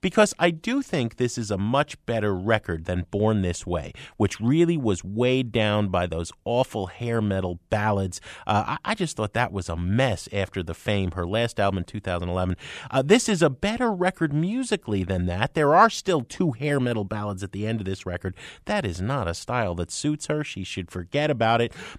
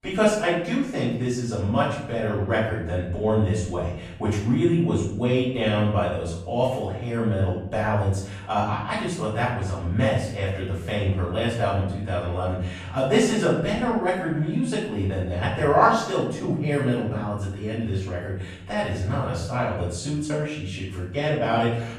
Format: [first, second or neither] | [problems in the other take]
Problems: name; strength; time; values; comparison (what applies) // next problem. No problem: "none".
first | room echo; noticeable; dies away in 0.7 s // off-mic speech; far